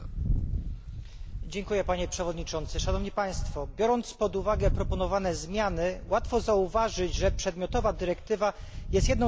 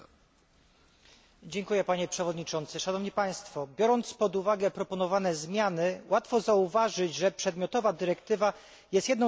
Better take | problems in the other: second | background sound (Wind); 3 dB below the speech

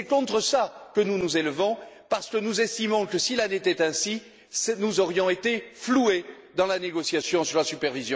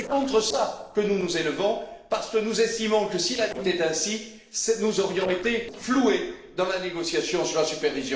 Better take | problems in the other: first | noise reduction (neural separator model SepFormer DNS4)

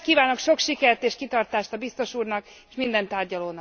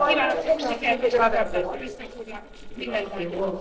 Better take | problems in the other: first | noise reduction (neural separator model SepFormer DNS4)

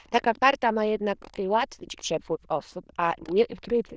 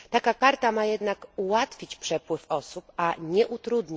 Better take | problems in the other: second | noise reduction (neural diffusion model UNIVERSE++)

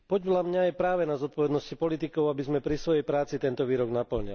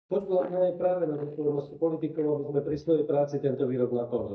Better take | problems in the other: first | noise reduction (neural mask model DeepFilterNet 3)

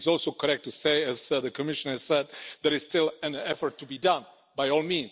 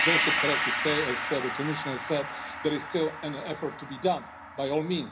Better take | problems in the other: first | background sound (Gong); 1 dB below the speech // room echo; dies away in 0.5 s

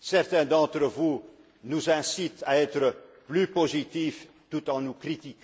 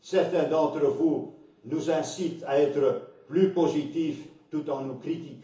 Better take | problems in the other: first | room echo; dies away in 0.8 s

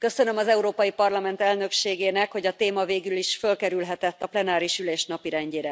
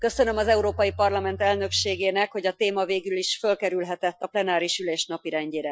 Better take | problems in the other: first | noise reduction (classical method Wiener filter)

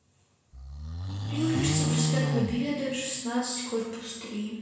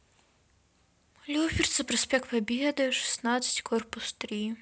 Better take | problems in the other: second | background sound (Livestock, farm animals, working animals); 1 dB above the speech // room echo; dies away in 1 s

